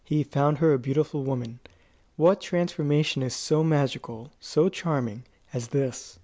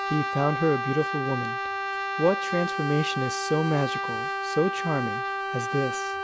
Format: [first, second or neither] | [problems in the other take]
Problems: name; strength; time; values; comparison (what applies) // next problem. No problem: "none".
first | background sound (Brass instrument); 2 dB below the speech